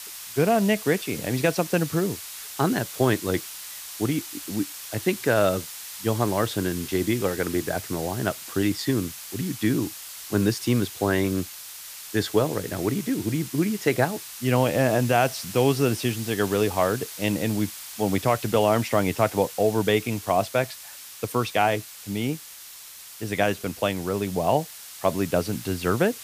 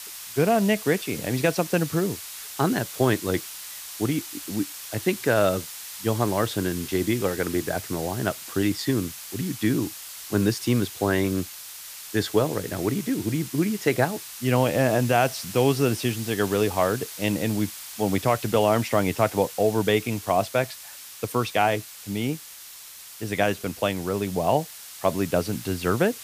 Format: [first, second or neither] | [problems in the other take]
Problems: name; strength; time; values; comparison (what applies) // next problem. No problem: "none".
neither | hiss; noticeable; throughout; 10 dB below the speech; the same in both